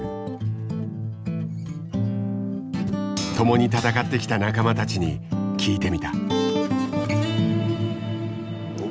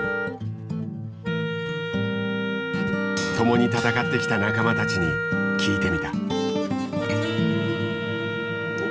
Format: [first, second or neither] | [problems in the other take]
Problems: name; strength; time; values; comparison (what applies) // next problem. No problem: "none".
first | background sound (Wind instrument, woodwind instrument); 3 dB below the speech // room echo; dies away in 1 s